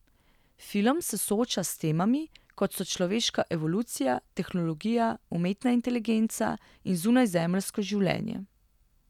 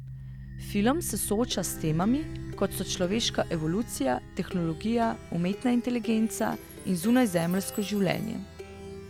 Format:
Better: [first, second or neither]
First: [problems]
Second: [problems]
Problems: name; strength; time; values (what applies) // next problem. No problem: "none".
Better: first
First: none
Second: background sound (Plucked string instrument); 12 dB below the speech